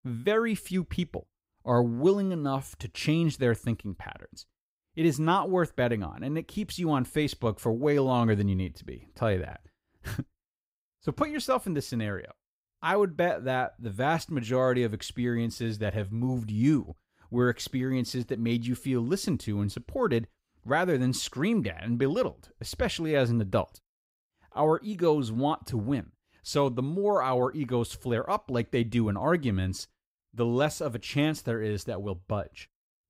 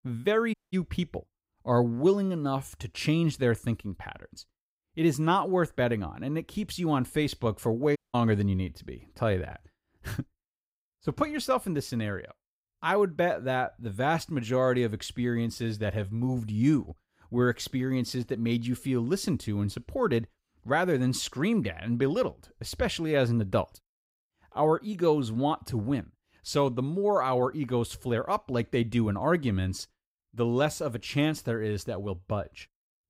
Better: first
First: none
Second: audio cutting out; at 0.5 s and at 8 s

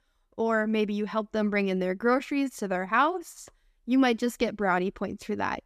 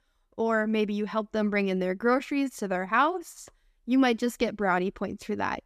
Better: neither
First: none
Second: none

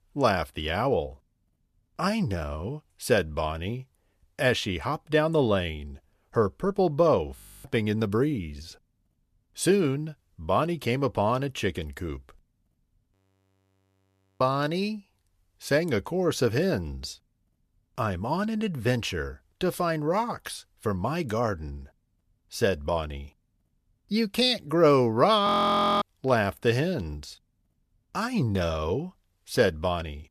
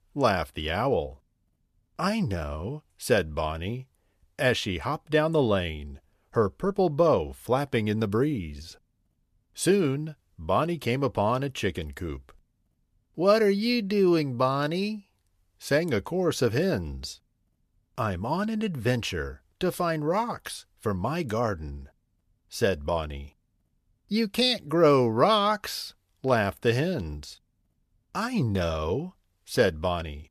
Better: second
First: audio freezing; at 7.5 s, at 13 s for 1.5 s and at 25 s for 0.5 s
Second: none

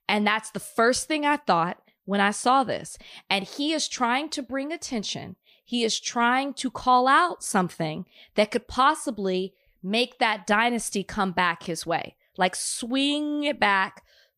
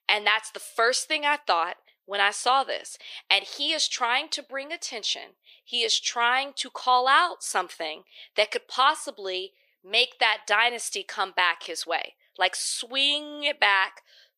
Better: first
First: none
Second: thin; very; fading below 400 Hz

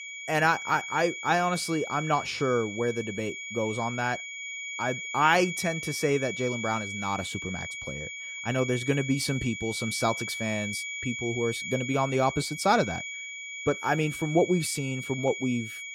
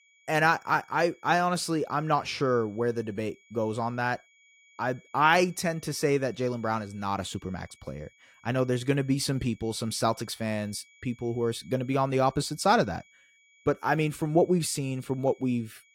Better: second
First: high-pitched whine; loud; throughout; 2.5 kHz, 7 dB below the speech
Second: high-pitched whine; faint; throughout; 2.5 kHz, 30 dB below the speech

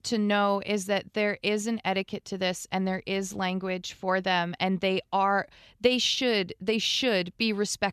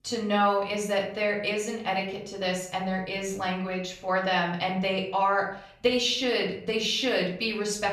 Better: first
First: none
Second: room echo; slight; dies away in 0.4 s // off-mic speech; far

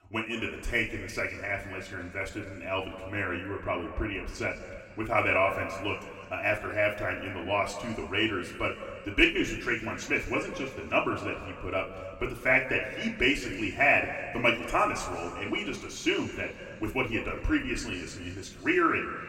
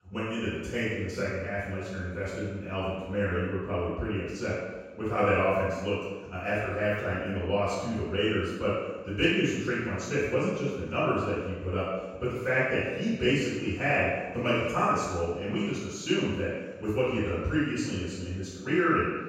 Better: first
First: room echo; slight; dies away in 2 s // off-mic speech; far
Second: room echo; strong; dies away in 1.2 s // off-mic speech; far

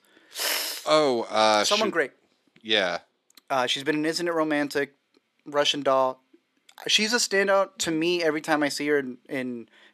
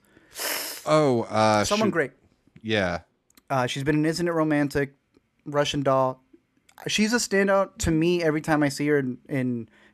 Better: second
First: thin; very slightly; fading below 300 Hz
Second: none

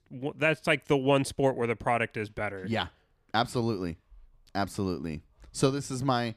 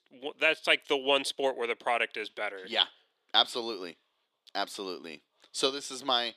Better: first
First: none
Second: thin; somewhat; fading below 350 Hz

